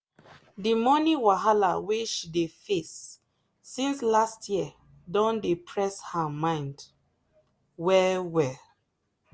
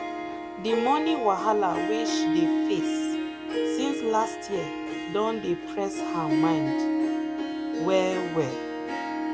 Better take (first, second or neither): first